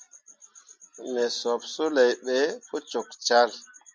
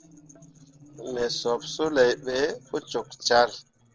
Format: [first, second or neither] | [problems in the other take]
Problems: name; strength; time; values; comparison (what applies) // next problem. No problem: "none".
first | noise reduction (neural separator model SepFormer DNS4)